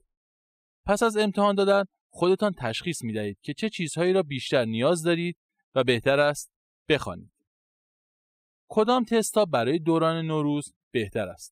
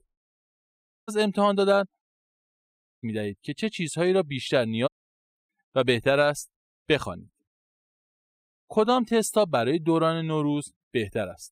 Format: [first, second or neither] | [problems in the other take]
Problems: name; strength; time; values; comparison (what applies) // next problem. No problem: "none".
first | audio cutting out; at 0.5 s, at 2 s for 1 s and at 5 s